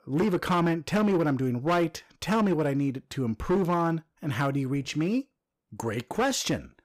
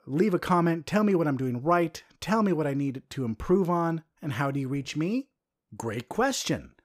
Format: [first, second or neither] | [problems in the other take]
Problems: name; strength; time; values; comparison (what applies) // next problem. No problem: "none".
second | distortion; slight; 8% of the sound clipped